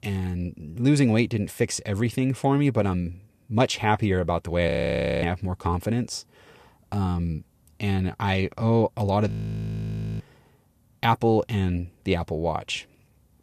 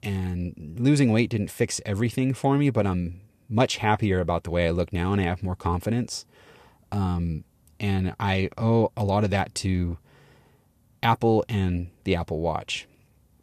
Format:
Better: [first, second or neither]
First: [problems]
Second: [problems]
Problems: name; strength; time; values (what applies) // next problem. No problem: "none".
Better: second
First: audio freezing; at 4.5 s for 0.5 s and at 9.5 s for 1 s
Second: none